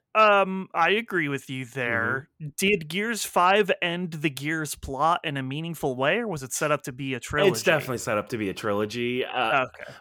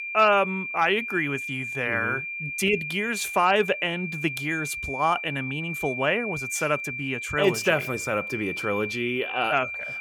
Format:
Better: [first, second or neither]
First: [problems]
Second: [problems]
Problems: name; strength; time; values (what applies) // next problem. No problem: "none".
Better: first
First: none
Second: high-pitched whine; loud; throughout; 2.5 kHz, 5 dB below the speech